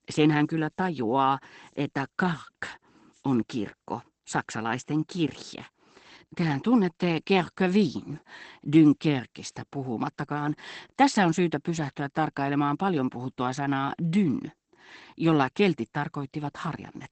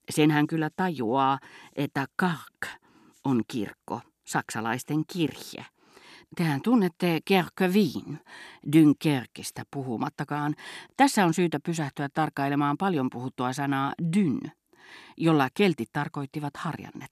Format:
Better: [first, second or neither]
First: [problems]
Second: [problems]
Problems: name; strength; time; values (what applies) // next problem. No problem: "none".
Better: second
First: garbled, watery; badly; nothing above 8 kHz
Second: none